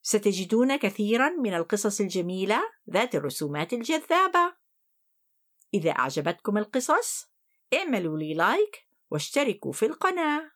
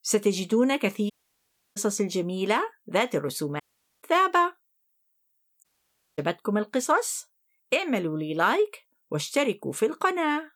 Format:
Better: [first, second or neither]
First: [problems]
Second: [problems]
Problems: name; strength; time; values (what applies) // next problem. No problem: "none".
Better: first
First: none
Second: audio cutting out; at 1 s for 0.5 s, at 3.5 s and at 5.5 s for 0.5 s